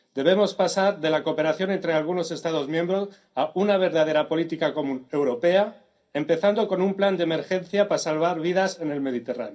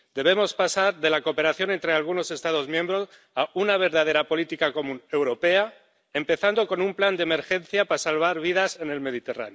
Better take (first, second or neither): second